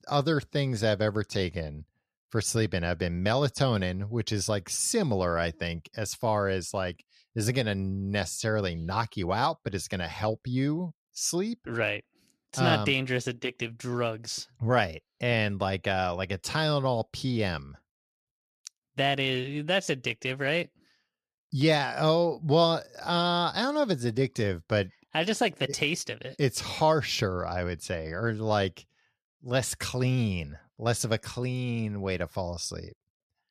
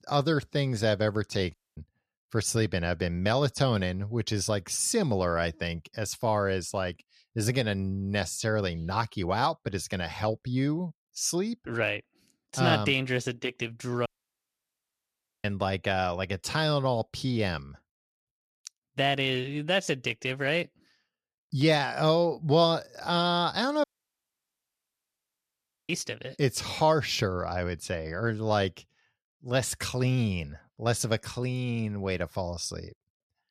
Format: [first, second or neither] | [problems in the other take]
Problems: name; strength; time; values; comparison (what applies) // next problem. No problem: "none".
first | audio cutting out; at 1.5 s, at 14 s for 1.5 s and at 24 s for 2 s